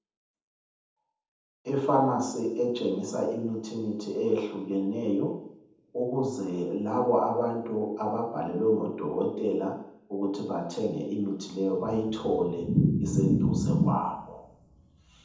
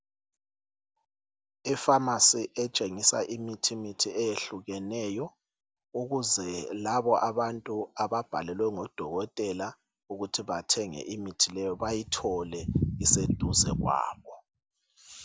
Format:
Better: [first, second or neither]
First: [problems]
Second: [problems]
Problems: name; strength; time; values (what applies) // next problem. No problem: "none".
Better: second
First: room echo; dies away in 0.8 s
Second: none